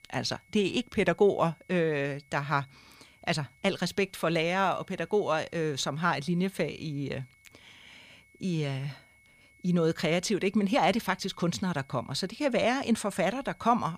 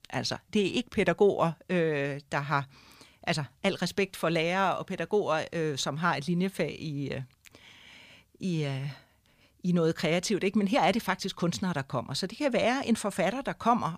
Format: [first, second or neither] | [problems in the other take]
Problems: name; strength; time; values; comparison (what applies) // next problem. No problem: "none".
second | high-pitched whine; faint; throughout; 2 kHz, 30 dB below the speech